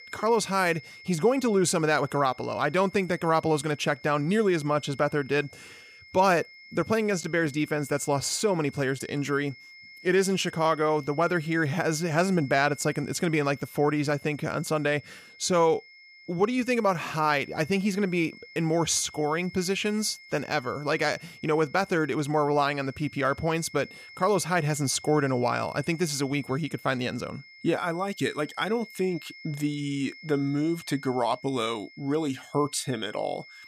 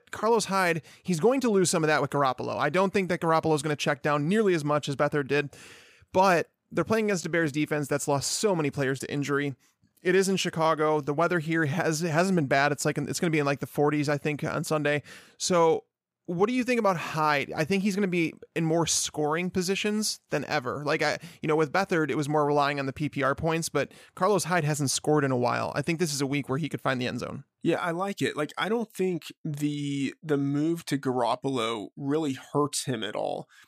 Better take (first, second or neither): second